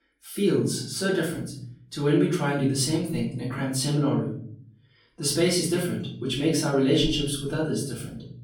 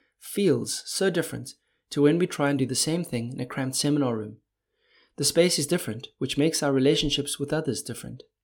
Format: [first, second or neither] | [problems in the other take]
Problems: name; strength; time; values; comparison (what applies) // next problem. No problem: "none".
second | off-mic speech; far // room echo; slight; dies away in 0.6 s